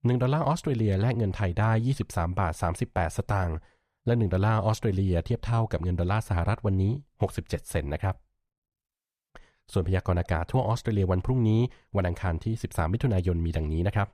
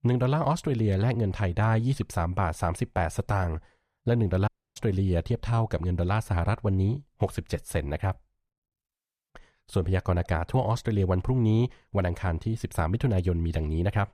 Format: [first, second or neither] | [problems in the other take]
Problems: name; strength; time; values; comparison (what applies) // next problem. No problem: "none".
first | audio cutting out; at 4.5 s